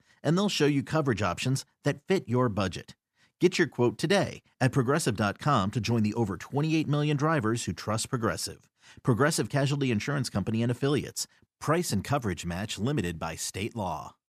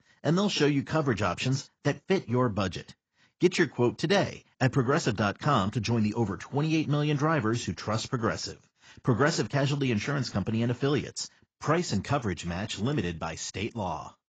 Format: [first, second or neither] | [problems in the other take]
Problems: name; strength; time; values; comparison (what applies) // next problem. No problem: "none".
first | garbled, watery; badly; nothing above 7.5 kHz